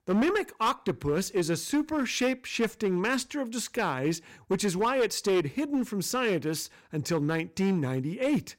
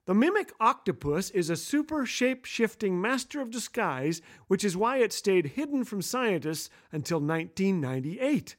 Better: second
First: distortion; slight; 8% of the sound clipped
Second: none

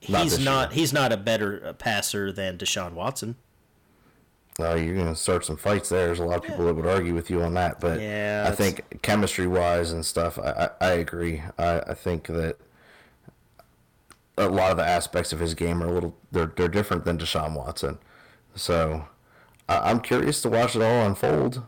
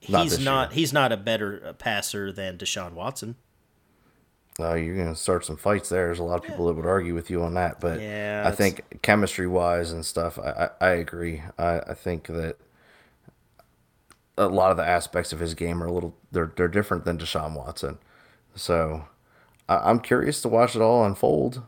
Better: second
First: distortion; heavy; 7% of the sound clipped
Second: none

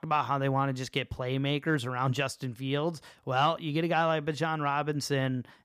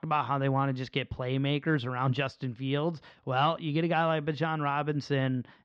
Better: first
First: none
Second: muffled; very slightly; fading above 4.5 kHz

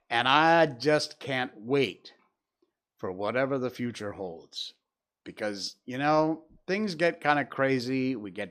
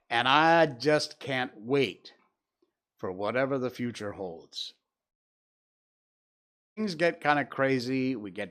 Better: first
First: none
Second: audio cutting out; at 5 s for 1.5 s

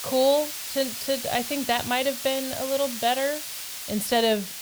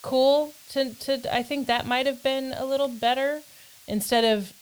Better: second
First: hiss; loud; throughout; 6 dB below the speech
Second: hiss; faint; throughout; 20 dB below the speech

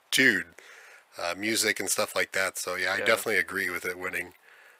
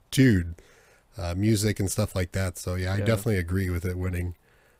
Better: second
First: thin; very; fading below 550 Hz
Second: none

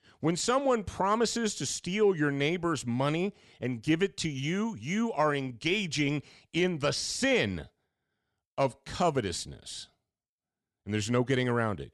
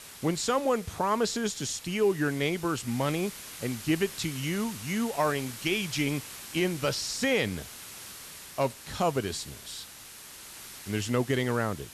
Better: first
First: none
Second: hiss; noticeable; throughout; 15 dB below the speech

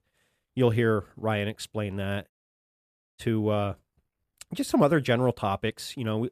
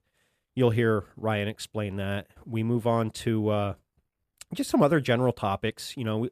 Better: second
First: audio cutting out; at 2.5 s for 1 s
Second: none

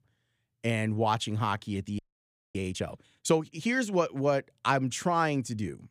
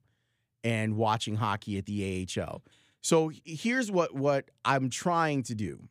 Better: second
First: audio freezing; at 2 s for 0.5 s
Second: none

